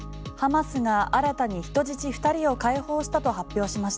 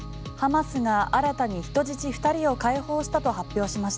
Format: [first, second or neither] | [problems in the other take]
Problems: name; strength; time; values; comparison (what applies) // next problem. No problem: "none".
first | background sound (Mechanical fan); 18 dB below the speech